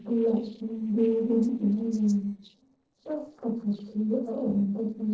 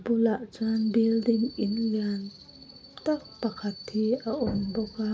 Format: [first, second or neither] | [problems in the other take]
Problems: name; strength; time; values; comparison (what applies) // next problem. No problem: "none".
second | noise reduction (neural separator model SepFormer DNS4)